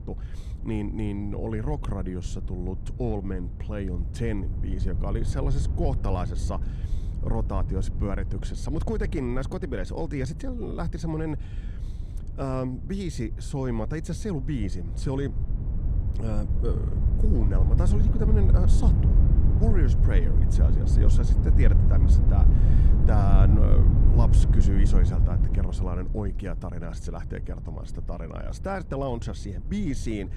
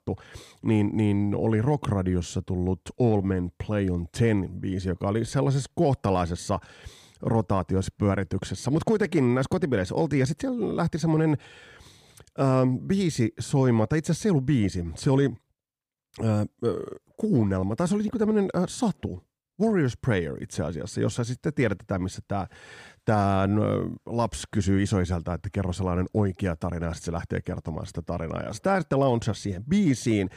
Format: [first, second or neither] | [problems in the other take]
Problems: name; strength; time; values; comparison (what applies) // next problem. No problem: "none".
second | wind noise on the microphone; heavy; 5 dB below the speech